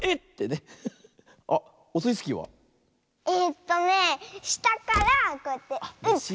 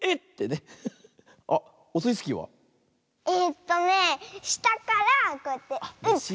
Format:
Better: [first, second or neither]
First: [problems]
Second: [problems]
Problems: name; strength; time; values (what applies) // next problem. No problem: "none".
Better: second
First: background sound (Slam); 17 dB below the speech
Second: none